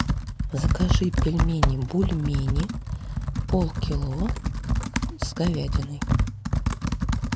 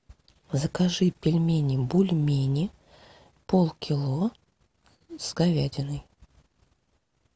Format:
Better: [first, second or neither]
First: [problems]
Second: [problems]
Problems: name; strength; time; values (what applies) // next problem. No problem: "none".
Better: second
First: background sound (Computer keyboard); 4 dB above the speech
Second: none